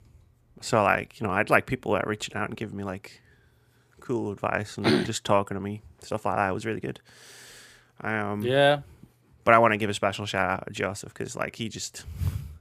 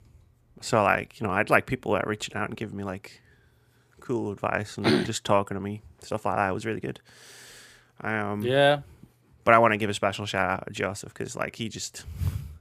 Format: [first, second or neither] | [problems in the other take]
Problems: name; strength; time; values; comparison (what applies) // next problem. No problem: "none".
neither | none